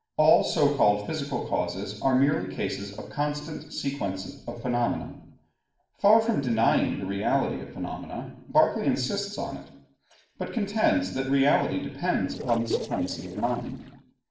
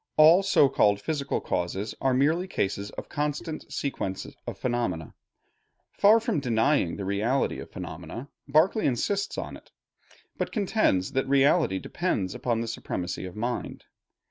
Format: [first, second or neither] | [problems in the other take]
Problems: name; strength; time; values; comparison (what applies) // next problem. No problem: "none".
second | noise reduction (neural separator model SepFormer DNS4)